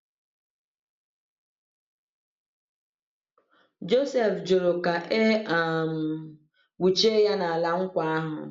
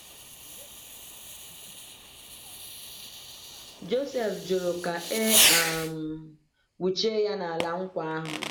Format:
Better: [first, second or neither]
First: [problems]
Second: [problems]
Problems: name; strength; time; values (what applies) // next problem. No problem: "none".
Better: first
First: none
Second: background sound (Fireworks); as loud as the speech